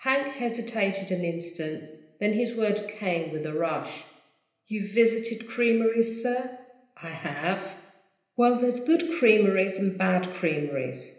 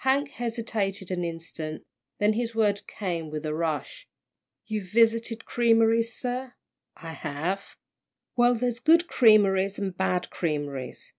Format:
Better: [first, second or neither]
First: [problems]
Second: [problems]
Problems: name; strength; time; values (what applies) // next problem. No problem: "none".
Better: second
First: room echo; dies away in 0.9 s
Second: none